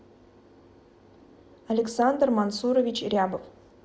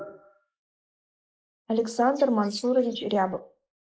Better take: first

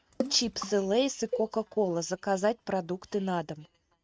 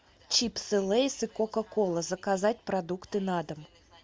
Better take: second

